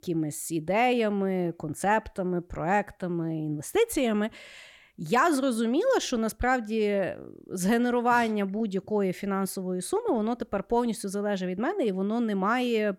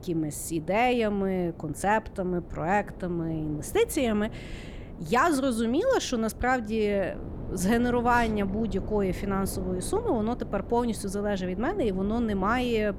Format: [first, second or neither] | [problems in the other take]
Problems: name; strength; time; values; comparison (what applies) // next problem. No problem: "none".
first | wind noise on the microphone; occasional gusts; 20 dB below the speech